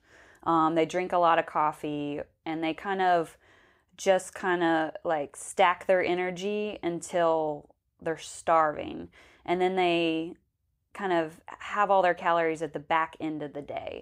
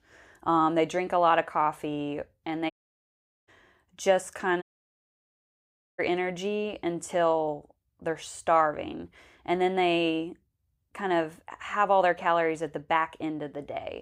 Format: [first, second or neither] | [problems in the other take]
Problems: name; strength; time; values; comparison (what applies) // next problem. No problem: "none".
first | audio cutting out; at 2.5 s for 1 s and at 4.5 s for 1.5 s